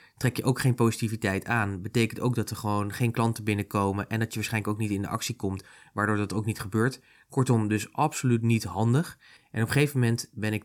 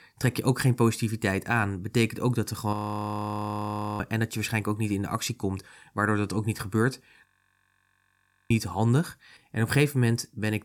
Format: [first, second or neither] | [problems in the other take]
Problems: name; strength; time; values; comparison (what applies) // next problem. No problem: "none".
first | audio freezing; at 2.5 s for 1.5 s and at 7.5 s for 1.5 s